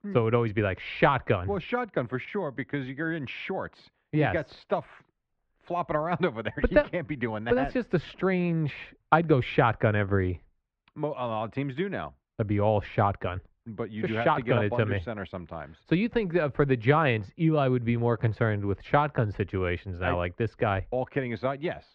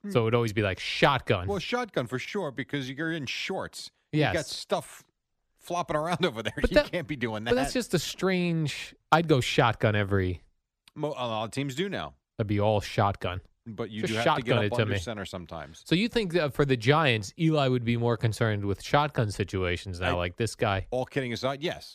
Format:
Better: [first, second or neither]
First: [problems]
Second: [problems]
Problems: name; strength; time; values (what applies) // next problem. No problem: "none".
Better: second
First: muffled; very; fading above 2.5 kHz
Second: none